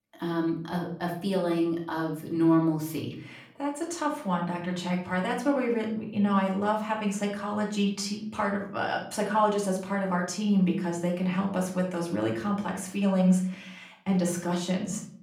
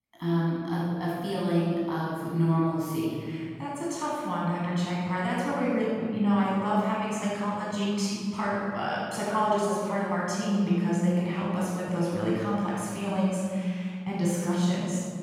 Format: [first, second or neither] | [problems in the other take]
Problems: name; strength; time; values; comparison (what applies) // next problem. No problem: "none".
first | room echo; strong; dies away in 2 s; slight in the first // off-mic speech; far; far in the first